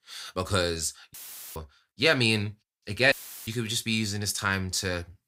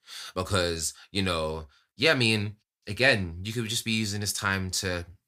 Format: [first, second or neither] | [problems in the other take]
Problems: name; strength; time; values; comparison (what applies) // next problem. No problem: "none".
second | audio cutting out; filled with static; at 1 s and at 3 s